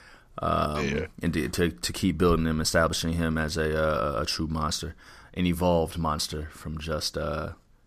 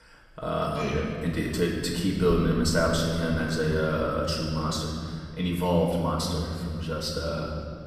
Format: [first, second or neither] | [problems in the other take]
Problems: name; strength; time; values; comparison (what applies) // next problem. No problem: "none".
first | off-mic speech; far // room echo; noticeable; dies away in 2.5 s